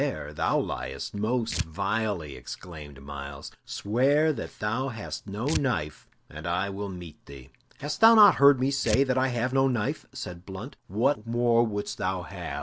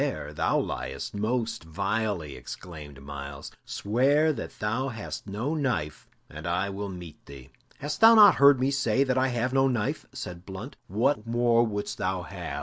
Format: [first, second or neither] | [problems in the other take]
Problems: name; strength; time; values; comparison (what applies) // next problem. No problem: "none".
second | background sound (Tearing); 13 dB below the speech